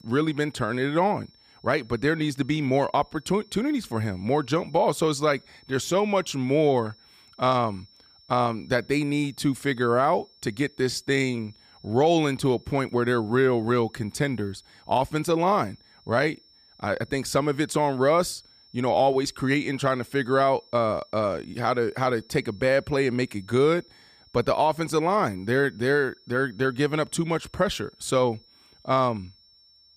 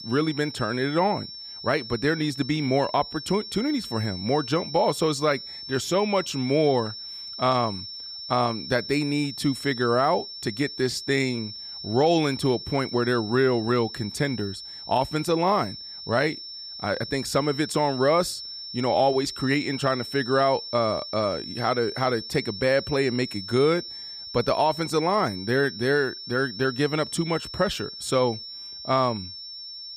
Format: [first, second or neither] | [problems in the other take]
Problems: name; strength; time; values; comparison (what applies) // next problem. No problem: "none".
first | high-pitched whine; loud; throughout; 5.5 kHz, 10 dB below the speech; faint in the first